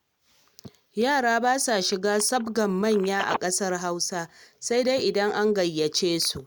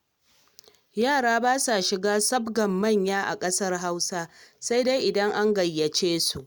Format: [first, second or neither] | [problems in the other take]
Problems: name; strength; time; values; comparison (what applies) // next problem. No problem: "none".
second | background sound (Telephone); 17 dB below the speech